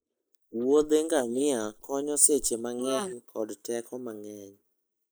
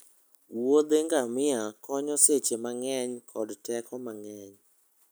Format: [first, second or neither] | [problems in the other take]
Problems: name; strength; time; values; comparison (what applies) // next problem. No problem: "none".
second | noise reduction (neural mask model Resemble Enhance denoiser)